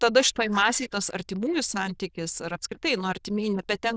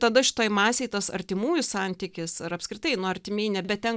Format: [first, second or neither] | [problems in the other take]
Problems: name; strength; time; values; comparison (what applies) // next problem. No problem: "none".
second | noise reduction (neural diffusion model UNIVERSE++)